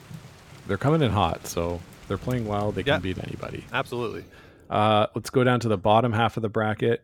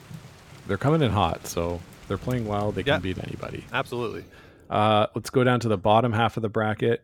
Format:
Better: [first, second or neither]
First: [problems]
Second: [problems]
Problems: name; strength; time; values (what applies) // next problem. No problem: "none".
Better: neither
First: rain or running water; faint; throughout; 20 dB below the speech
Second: rain or running water; faint; throughout; 20 dB below the speech